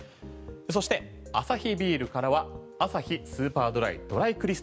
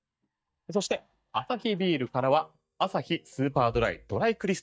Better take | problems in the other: first | noise reduction (neural mask model DeepFilterNet 3)

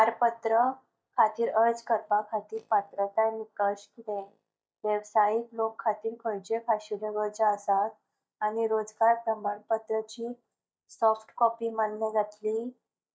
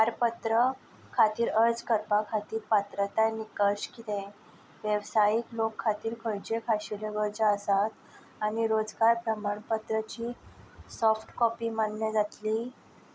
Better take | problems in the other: second | noise reduction (neural mask model DeepFilterNet 3)

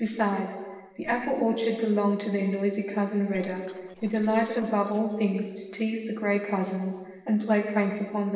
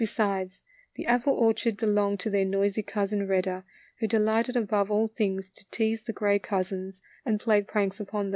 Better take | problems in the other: second | noise reduction (neural separator model SepFormer DNS4)

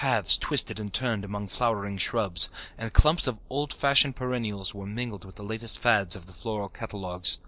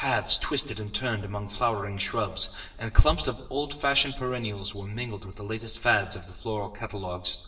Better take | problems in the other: first | room echo; dies away in 0.8 s

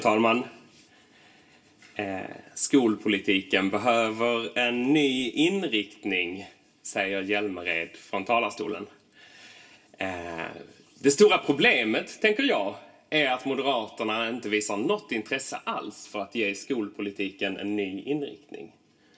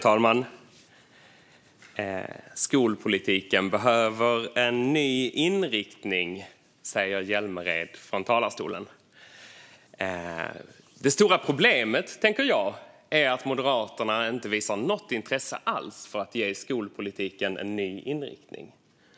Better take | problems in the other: second | room echo; dies away in 0.2 s

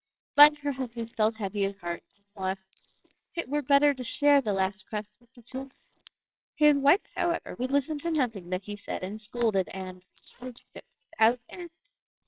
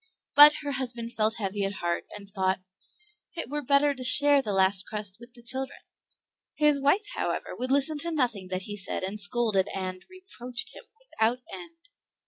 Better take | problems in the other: second | noise reduction (neural separator model SepFormer WHAMR!)

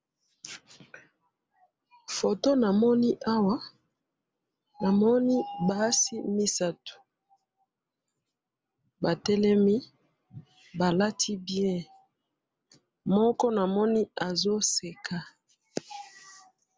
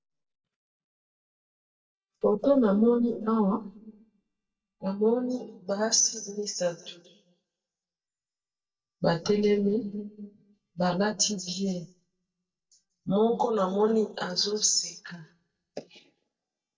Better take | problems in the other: first | noise reduction (neural mask model DeepFilterNet 3)

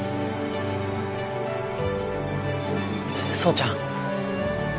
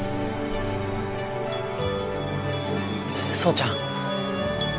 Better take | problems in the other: first | background sound (Bell); 11 dB below the speech

